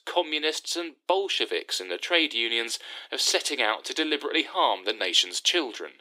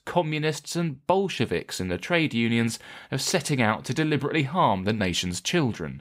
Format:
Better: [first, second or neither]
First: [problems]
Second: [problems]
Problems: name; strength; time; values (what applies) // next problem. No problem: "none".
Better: second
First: thin; very; fading below 300 Hz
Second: none